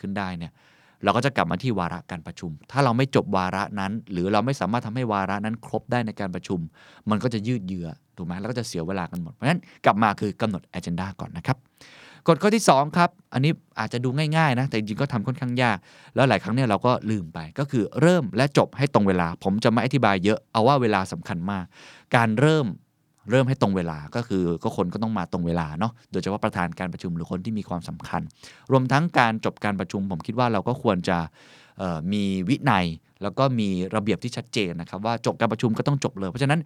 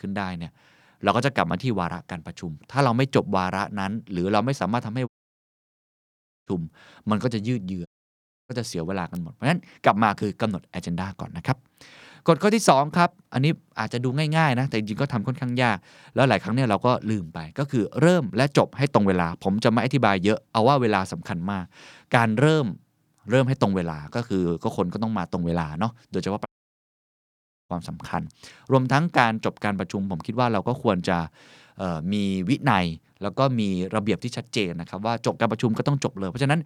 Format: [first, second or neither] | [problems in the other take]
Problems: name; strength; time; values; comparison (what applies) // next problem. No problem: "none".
first | audio cutting out; at 5 s for 1.5 s, at 8 s for 0.5 s and at 26 s for 1 s